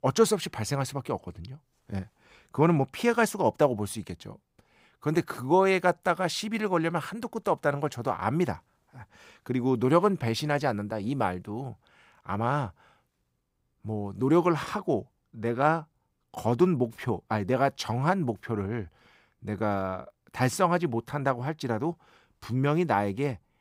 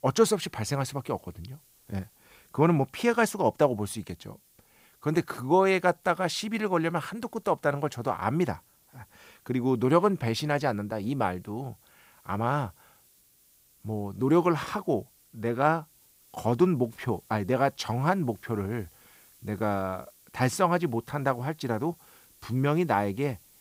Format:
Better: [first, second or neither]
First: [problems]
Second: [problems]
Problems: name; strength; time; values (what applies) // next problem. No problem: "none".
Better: first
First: none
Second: hiss; faint; throughout; 30 dB below the speech